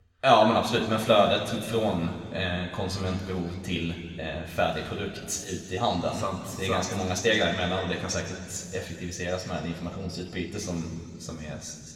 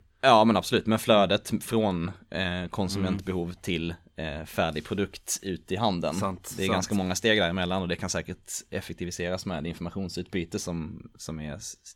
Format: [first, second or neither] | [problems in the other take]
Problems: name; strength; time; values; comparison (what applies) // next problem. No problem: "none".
second | room echo; noticeable; dies away in 2.2 s // off-mic speech; somewhat distant